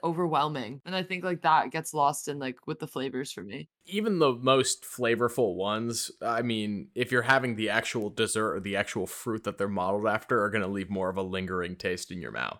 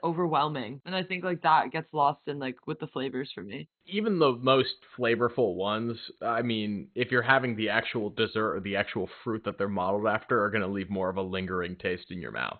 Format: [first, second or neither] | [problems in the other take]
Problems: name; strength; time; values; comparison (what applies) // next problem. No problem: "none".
first | garbled, watery; badly; nothing above 4 kHz